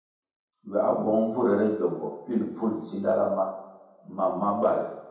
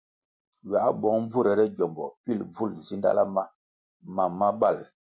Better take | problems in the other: second | room echo; dies away in 0.9 s

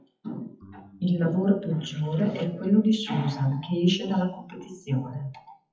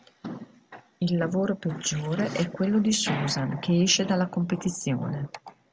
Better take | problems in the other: second | noise reduction (classical method WPE with log-MMSE)

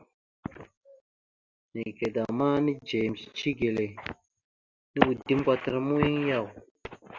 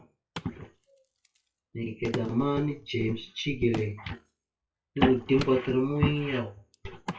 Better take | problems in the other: first | noise reduction (classical method WPE with log-MMSE)

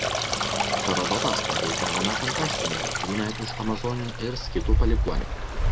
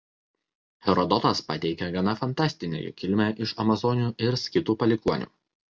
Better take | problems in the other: second | background sound (Stream); 5 dB above the speech

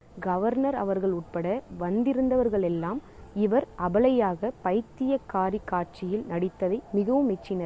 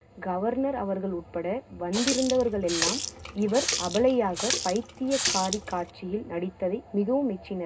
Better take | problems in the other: first | background sound (Water tap, faucet); 4 dB below the speech // room echo; dies away in 0.2 s

